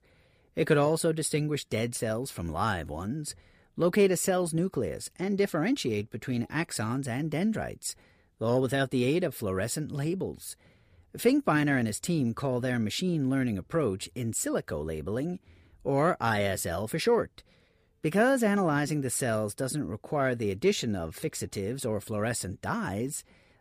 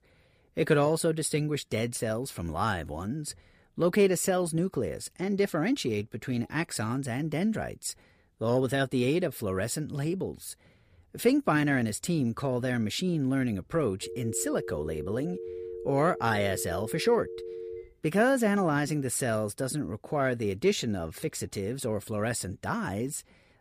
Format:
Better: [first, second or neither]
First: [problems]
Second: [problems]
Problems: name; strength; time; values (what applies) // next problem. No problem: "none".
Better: first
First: none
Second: phone ringing; noticeable; from 14 to 18 s; peak 9 dB below the speech